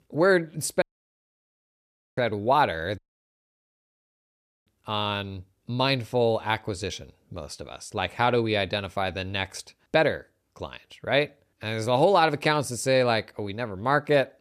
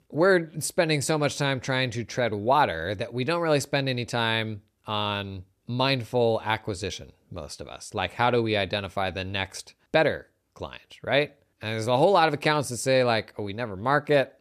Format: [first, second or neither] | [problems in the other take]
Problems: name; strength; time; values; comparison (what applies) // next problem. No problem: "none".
second | audio cutting out; at 1 s for 1.5 s and at 3 s for 1.5 s